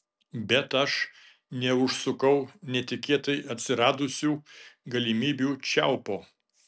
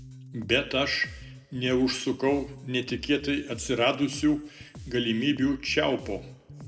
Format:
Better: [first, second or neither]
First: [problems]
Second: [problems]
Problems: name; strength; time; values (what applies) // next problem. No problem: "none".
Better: first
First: none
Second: background sound (Bass guitar); 17 dB below the speech // room echo; dies away in 1 s